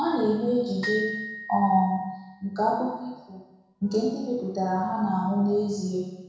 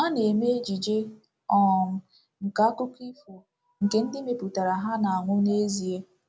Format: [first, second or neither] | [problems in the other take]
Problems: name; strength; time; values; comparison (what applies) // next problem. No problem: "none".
second | background sound (Glockenspiel); 13 dB below the speech // room echo; dies away in 1.1 s